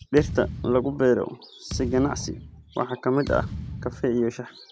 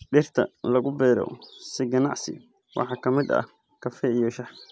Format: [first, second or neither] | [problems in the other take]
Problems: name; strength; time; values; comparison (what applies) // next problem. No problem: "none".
second | background sound (Thump, thud); 10 dB below the speech